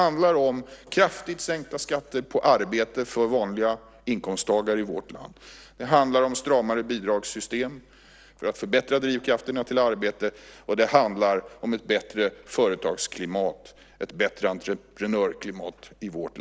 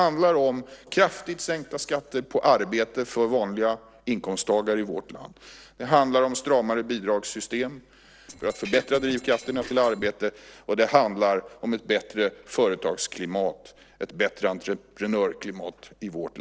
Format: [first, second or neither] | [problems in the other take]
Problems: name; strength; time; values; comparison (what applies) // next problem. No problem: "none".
first | noise reduction (neural separator model SepFormer DNS4)